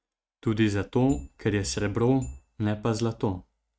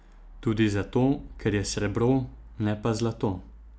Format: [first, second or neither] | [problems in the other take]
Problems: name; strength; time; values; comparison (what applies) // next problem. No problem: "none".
second | noise reduction (neural mask model RNNoise)